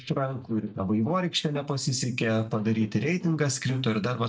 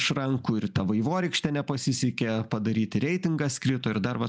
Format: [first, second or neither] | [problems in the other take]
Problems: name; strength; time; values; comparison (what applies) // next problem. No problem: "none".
second | noise reduction (neural mask model DeepFilterNet 3)